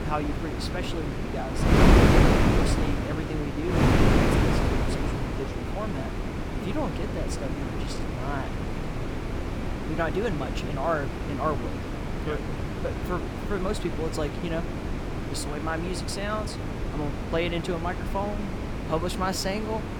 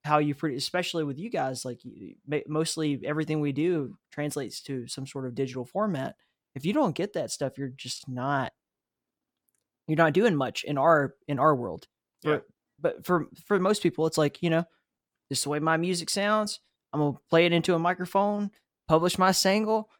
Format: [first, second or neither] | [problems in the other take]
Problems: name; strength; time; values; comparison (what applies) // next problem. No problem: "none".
second | wind noise on the microphone; heavy; 1 dB above the speech